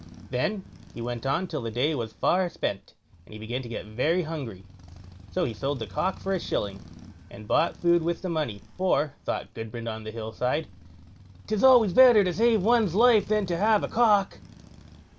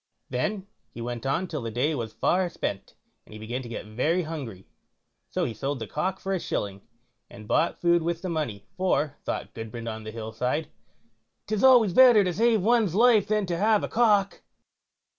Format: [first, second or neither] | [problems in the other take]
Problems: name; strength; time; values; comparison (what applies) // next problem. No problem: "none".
second | background sound (Motorcycle); 20 dB below the speech